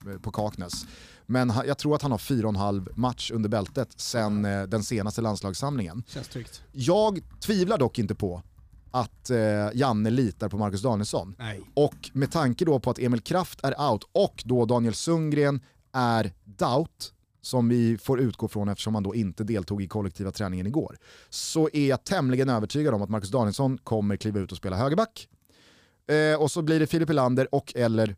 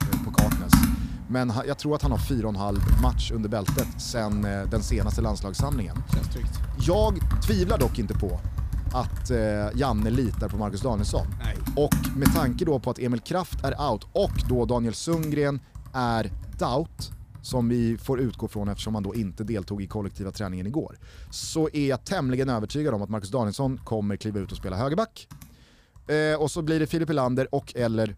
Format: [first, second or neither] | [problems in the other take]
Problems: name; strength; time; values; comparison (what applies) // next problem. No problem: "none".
first | household noises; loud; throughout; 1 dB below the speech; faint in the first